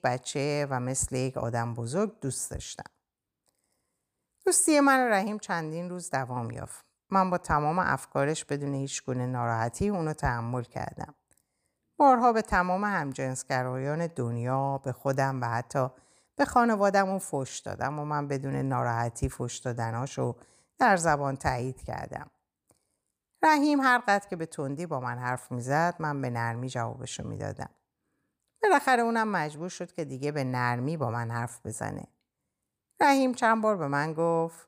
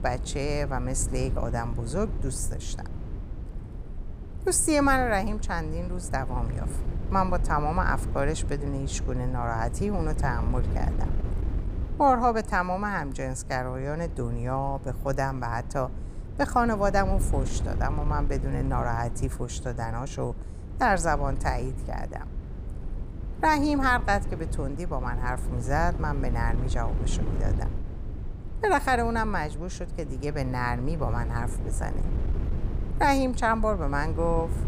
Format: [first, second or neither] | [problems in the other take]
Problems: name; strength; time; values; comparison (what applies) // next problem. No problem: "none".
first | wind noise on the microphone; occasional gusts; 15 dB below the speech